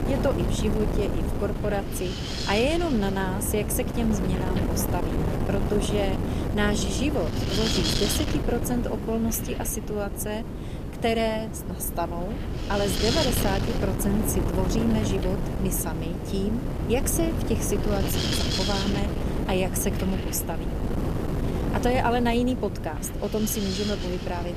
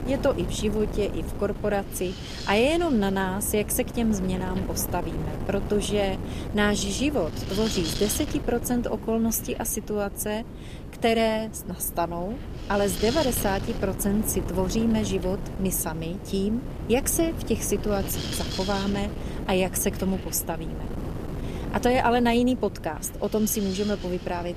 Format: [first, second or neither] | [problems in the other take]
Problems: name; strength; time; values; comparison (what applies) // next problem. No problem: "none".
second | wind noise on the microphone; heavy; 3 dB below the speech; occasional gusts in the second